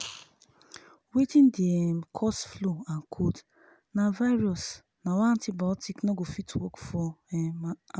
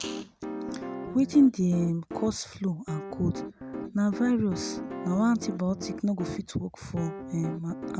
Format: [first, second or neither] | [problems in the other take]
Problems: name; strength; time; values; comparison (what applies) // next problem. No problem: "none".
first | background sound (Piano); 10 dB below the speech